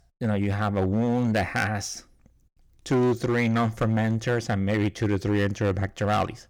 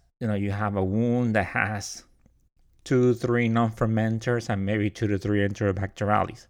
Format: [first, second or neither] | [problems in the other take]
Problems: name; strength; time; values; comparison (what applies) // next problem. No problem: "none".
second | distortion; slight; 9% of the sound clipped